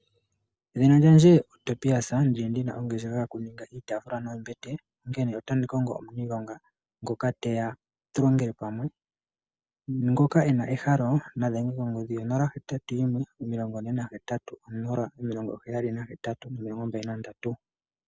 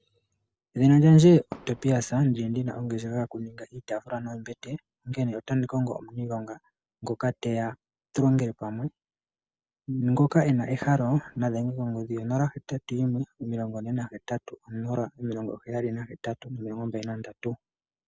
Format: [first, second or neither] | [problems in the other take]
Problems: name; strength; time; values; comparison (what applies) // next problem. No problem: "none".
first | background sound (Fireworks); 19 dB below the speech